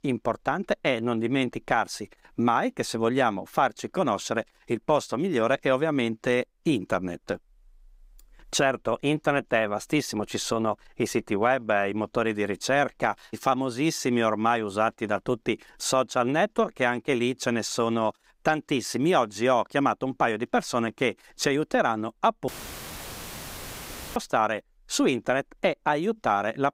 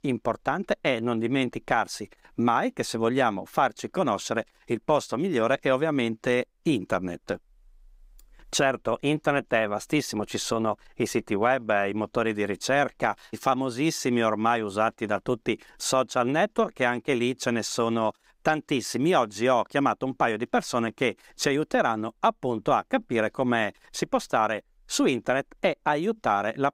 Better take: second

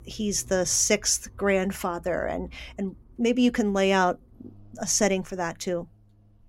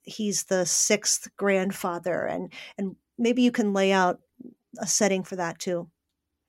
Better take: second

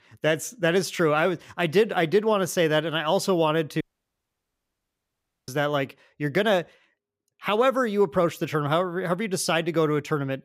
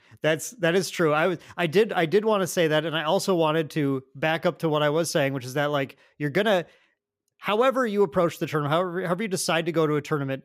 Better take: second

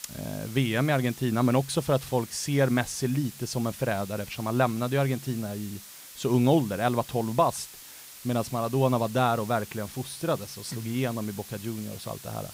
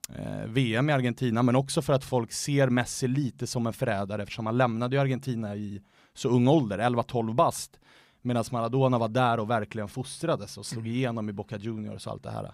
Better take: second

